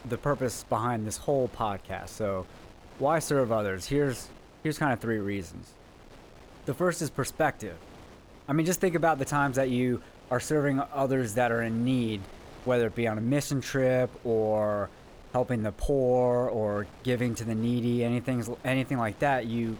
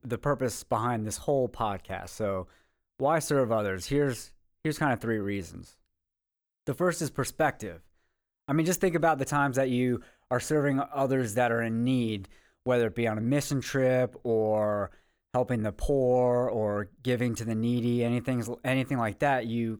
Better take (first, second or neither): second